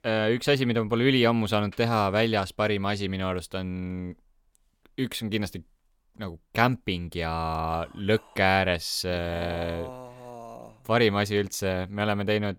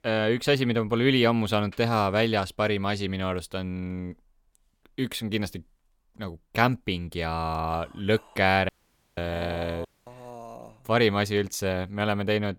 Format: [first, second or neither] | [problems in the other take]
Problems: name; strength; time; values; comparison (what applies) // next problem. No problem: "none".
first | audio cutting out; at 8.5 s and at 10 s